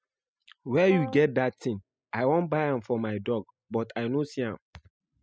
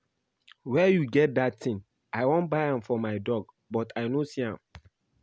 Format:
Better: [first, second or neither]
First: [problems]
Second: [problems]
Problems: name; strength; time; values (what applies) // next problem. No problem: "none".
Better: second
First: noise reduction (classical method spectral subtraction)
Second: none